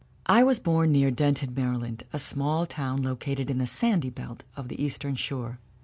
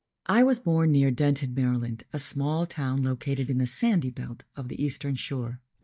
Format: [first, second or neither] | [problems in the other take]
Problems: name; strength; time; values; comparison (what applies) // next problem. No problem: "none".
first | noise reduction (neural mask model DeepFilterNet 3)